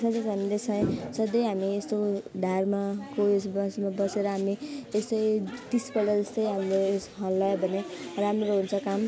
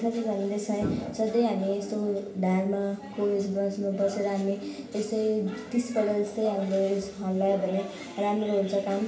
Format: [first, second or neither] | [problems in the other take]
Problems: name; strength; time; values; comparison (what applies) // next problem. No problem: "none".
first | room echo; dies away in 0.8 s